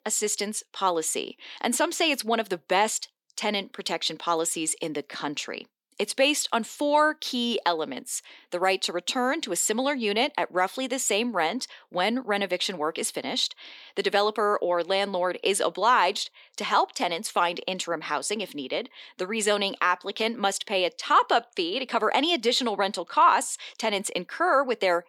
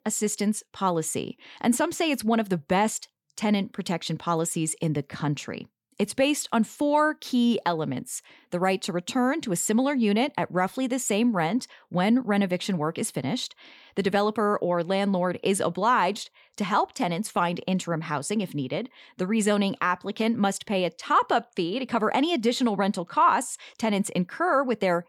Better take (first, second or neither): second